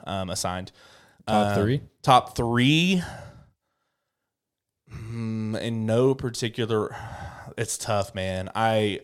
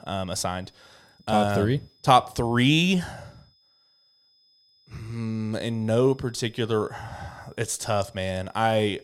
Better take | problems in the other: first | high-pitched whine; faint; throughout; 5 kHz, 35 dB below the speech

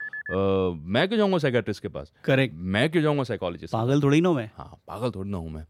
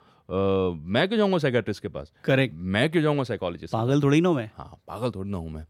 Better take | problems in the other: second | phone ringing; noticeable; at the start; peak 9 dB below the speech

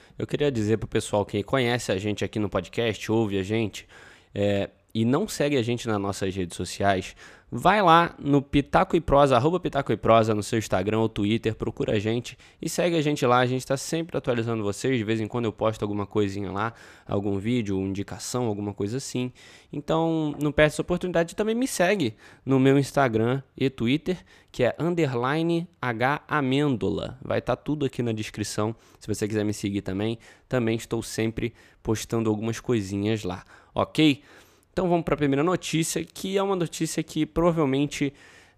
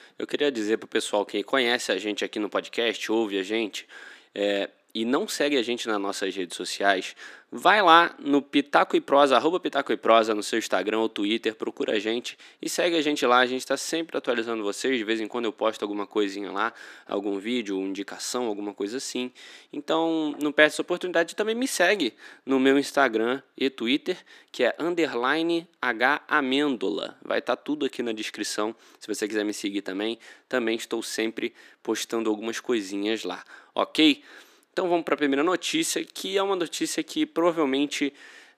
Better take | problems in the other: first | thin; very slightly; fading below 300 Hz

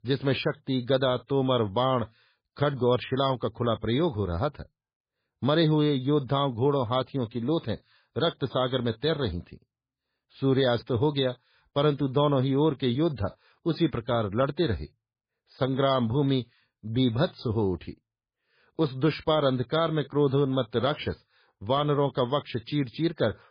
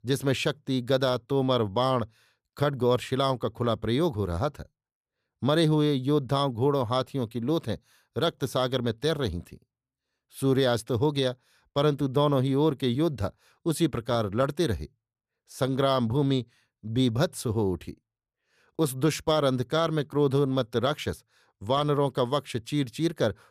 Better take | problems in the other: second | garbled, watery; badly

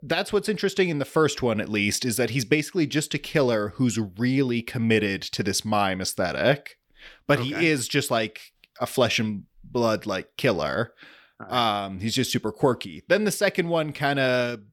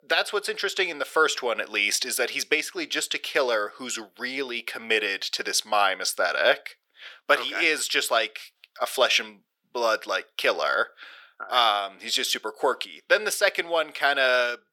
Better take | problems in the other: first | thin; very; fading below 500 Hz

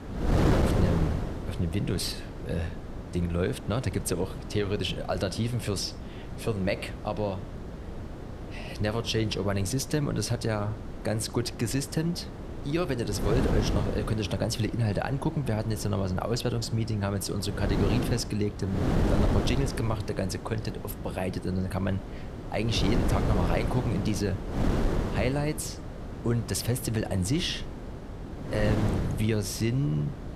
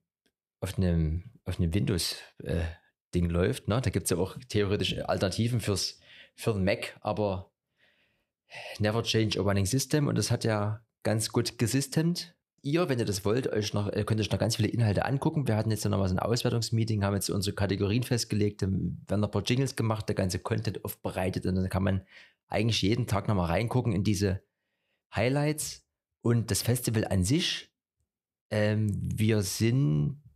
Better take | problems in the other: second | wind noise on the microphone; heavy; 5 dB below the speech

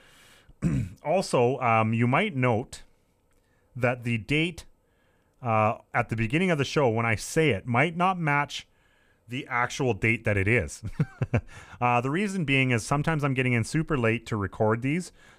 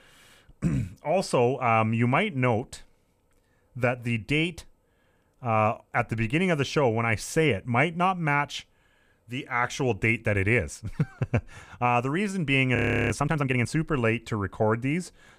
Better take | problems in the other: first | audio freezing; at 13 s

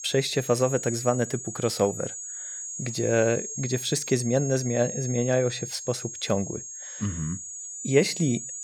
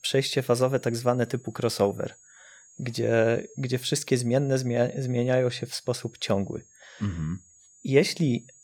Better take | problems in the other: second | high-pitched whine; loud; throughout; 6.5 kHz, 7 dB below the speech; faint in the second

